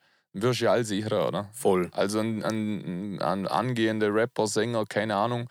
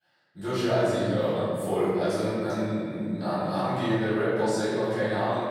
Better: first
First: none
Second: off-mic speech; far // room echo; strong; dies away in 2.1 s

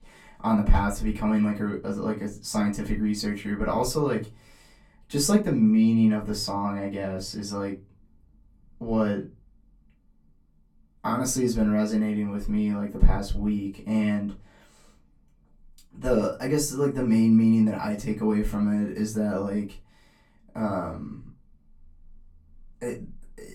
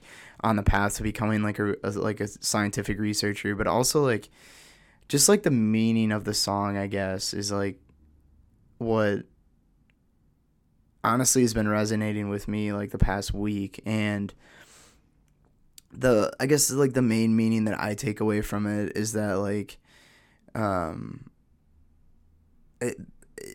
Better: second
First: off-mic speech; far // room echo; very slight; dies away in 0.2 s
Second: none

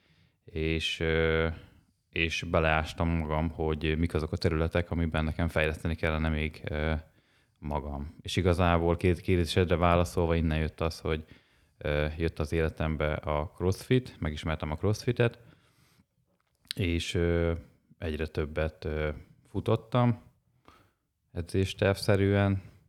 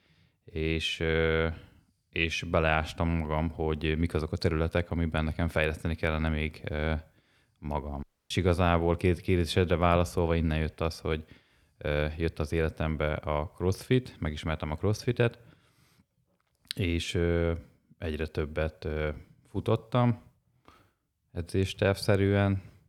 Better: first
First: none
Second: audio cutting out; at 8 s

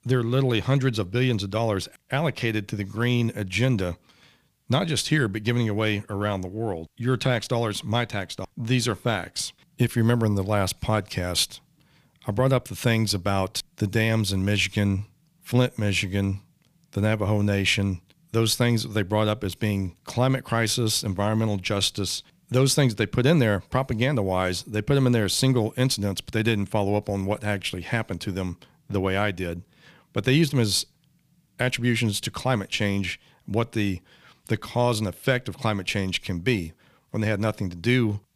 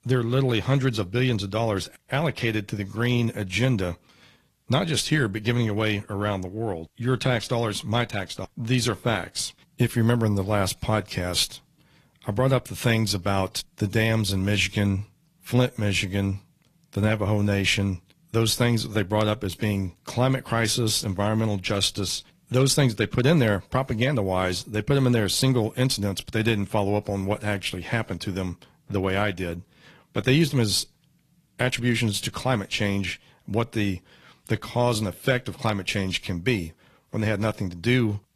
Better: first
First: none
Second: garbled, watery; slightly; nothing above 12.5 kHz

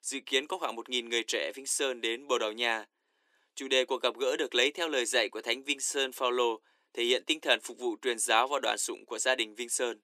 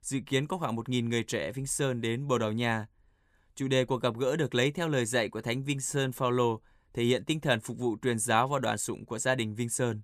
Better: second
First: thin; somewhat; fading below 300 Hz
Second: none

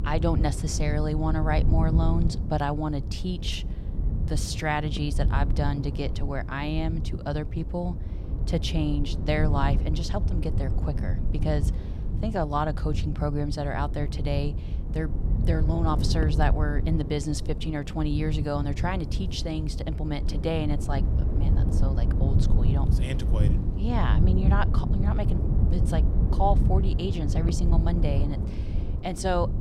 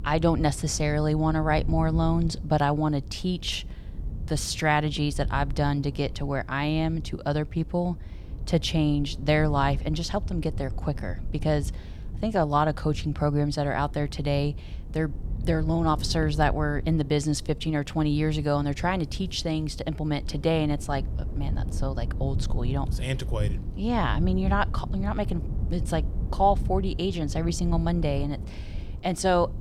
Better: second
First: wind noise on the microphone; heavy; 8 dB below the speech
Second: wind noise on the microphone; occasional gusts; 20 dB below the speech

